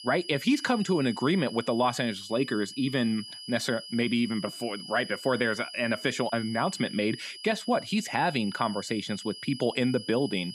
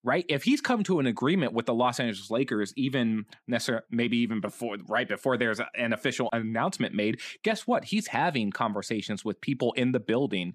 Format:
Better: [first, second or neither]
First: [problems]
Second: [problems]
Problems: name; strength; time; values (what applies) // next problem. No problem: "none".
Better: second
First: high-pitched whine; noticeable; throughout; 5 kHz, 10 dB below the speech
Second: none